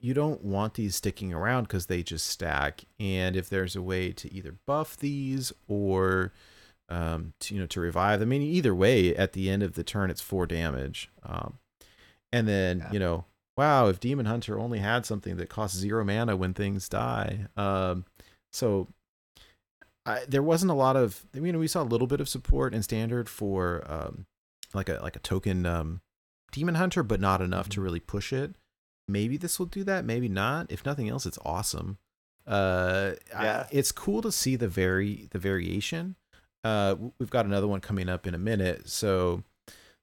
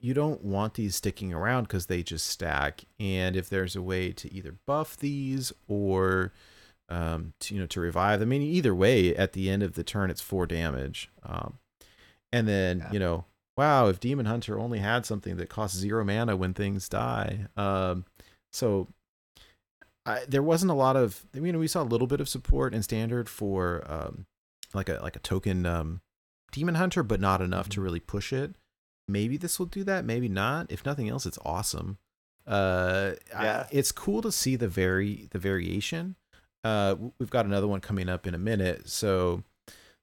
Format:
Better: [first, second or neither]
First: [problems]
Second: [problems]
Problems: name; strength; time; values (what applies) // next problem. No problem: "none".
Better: neither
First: none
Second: none